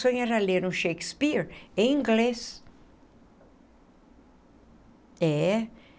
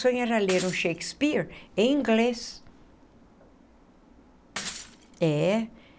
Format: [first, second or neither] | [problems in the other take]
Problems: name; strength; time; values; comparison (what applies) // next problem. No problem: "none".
first | background sound (Shatter / Crushing); 13 dB below the speech